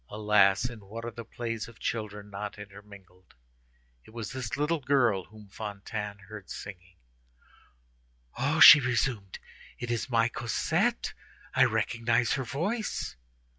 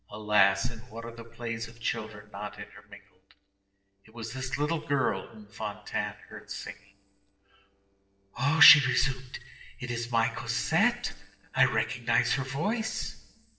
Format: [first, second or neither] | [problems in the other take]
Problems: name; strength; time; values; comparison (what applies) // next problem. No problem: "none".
first | noise reduction (neural separator model SepFormer DNS4)